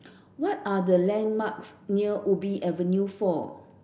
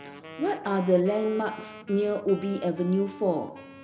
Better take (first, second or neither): first